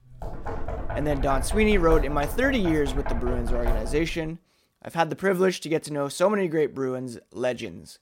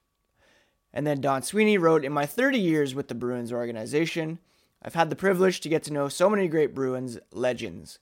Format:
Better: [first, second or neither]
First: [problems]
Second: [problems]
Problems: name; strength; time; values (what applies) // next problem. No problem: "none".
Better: second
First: door banging; noticeable; until 4.5 s; peak 4 dB below the speech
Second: none